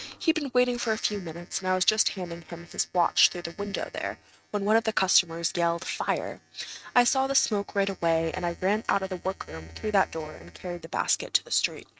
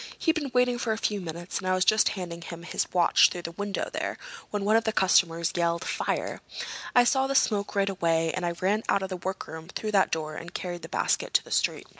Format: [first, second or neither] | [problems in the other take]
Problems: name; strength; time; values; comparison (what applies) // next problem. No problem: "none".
second | noise reduction (neural mask model RNNoise)